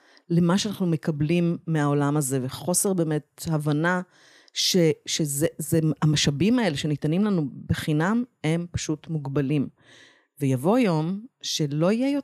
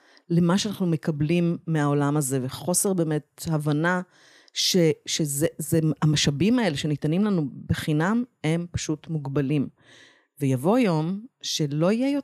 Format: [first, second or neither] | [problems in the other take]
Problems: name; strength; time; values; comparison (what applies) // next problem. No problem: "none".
neither | none